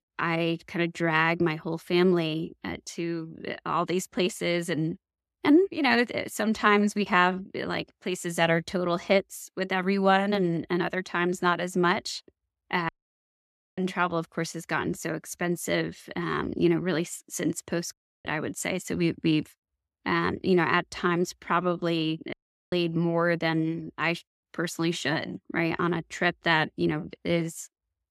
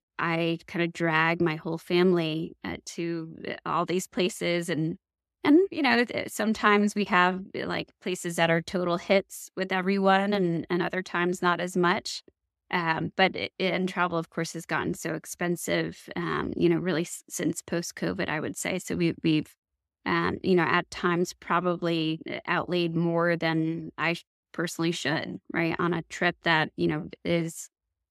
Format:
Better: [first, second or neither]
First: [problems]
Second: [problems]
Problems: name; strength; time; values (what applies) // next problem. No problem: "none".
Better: second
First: audio cutting out; at 13 s for 1 s, at 18 s and at 22 s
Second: none